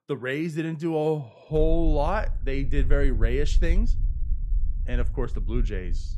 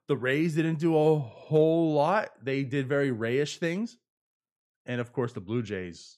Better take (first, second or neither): second